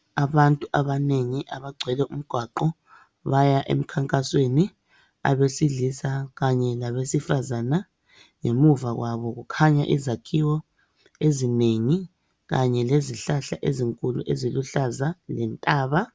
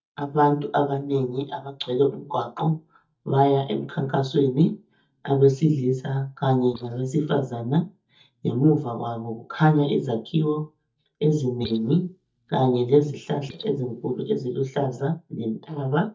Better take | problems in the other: first | noise reduction (neural mask model DeepFilterNet 3)

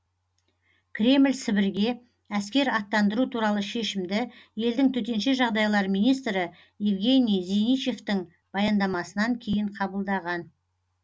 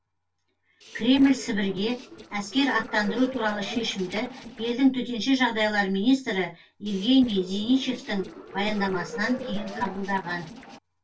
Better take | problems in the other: first | noise reduction (neural separator model SepFormer DNS4)

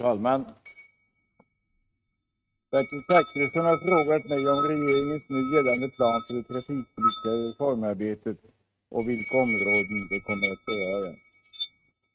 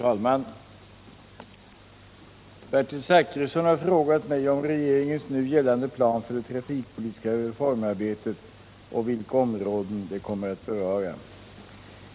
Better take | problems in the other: second | noise reduction (neural mask model RNNoise)

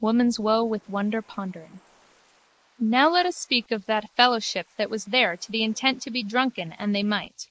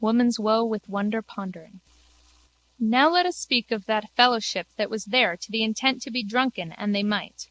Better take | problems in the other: second | noise reduction (neural mask model Resemble Enhance denoiser)

